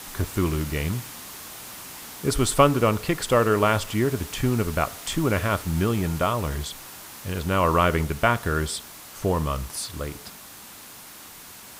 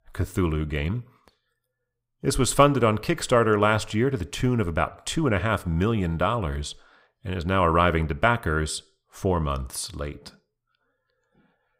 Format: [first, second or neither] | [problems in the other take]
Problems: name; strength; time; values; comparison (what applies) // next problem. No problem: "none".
second | hiss; noticeable; throughout; 15 dB below the speech